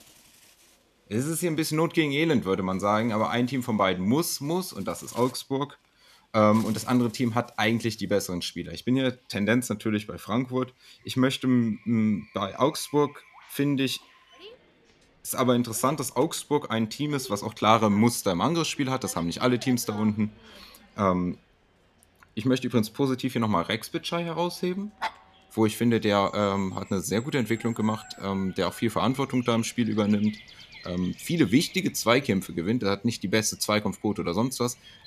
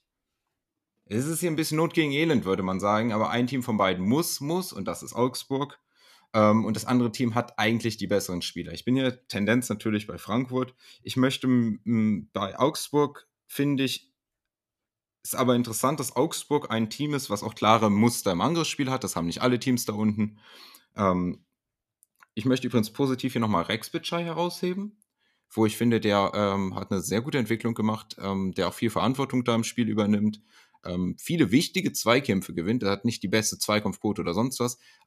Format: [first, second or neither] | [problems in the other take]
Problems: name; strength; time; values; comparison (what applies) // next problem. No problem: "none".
second | animal sounds; faint; throughout; 20 dB below the speech